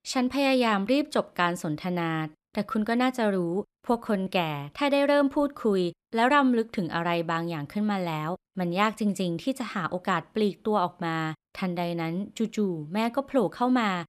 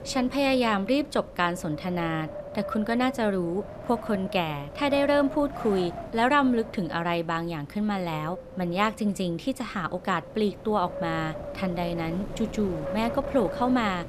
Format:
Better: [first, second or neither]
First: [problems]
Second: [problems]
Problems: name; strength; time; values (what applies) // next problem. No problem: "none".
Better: first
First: none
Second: wind noise on the microphone; occasional gusts; 10 dB below the speech